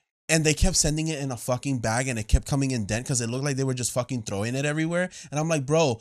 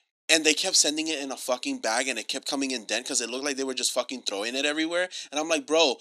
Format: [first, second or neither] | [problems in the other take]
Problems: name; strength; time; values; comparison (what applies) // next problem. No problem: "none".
first | thin; somewhat; fading below 300 Hz